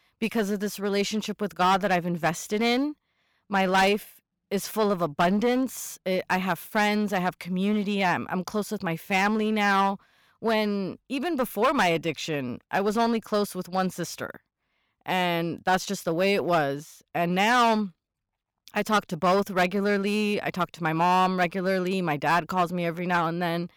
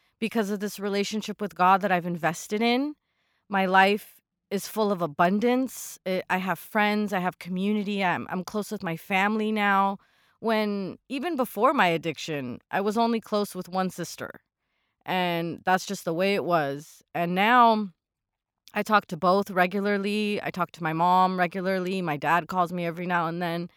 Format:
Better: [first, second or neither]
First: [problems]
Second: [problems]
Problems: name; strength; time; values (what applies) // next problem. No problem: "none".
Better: second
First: distortion; slight; 7% of the sound clipped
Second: none